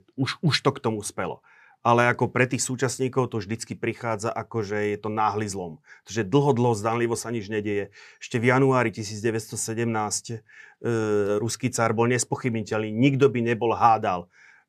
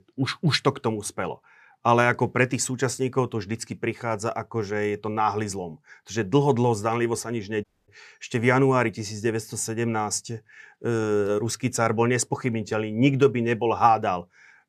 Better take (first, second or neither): first